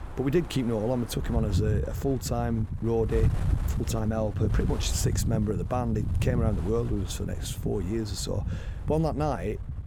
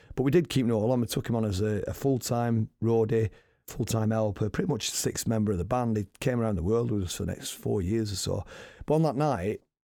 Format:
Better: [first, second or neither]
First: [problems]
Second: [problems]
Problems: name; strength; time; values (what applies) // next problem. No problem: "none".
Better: second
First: wind noise on the microphone; occasional gusts; 10 dB below the speech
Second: none